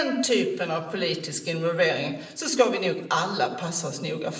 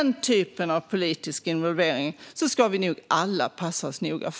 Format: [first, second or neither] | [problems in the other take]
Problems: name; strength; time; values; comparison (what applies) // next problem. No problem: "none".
second | room echo; dies away in 0.8 s